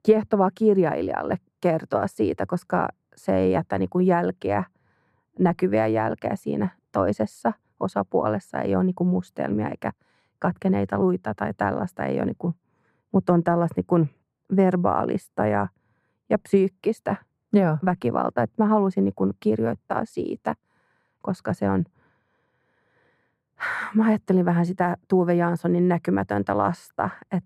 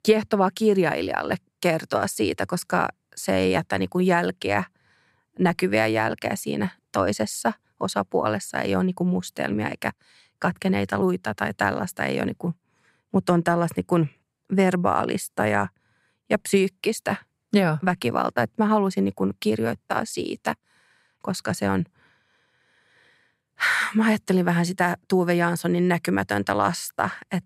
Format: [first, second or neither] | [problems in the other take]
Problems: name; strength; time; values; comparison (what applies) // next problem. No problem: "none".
second | muffled; very; fading above 2 kHz